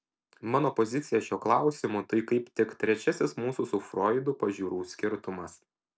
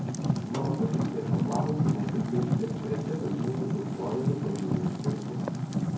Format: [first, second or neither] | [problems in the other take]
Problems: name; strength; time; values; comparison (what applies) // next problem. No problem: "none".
first | background sound (Fire); 4 dB above the speech // room echo; dies away in 0.9 s